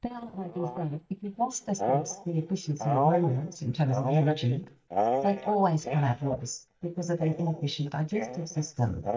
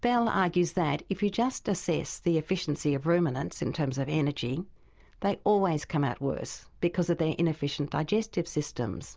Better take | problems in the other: second | noise reduction (neural mask model DeepFilterNet 3)

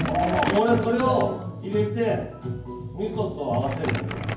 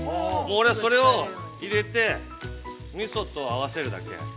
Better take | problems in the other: second | background sound (Crumpling, crinkling); 11 dB below the speech // room echo; dies away in 0.9 s

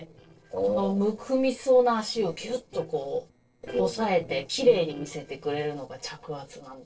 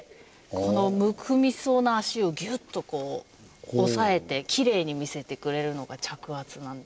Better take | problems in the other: second | noise reduction (neural separator model SepFormer DNS4)

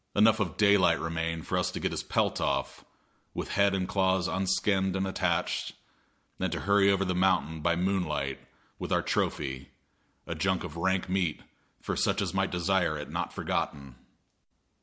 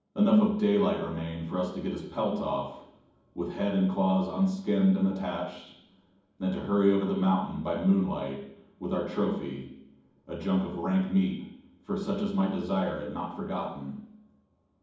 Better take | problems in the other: first | room echo; dies away in 1.2 s

